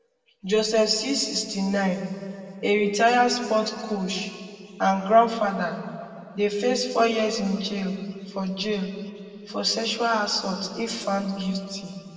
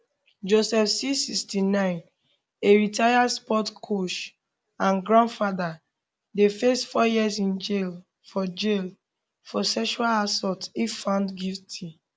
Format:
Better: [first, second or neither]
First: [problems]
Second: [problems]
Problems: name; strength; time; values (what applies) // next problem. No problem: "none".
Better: second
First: room echo; dies away in 1.9 s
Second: none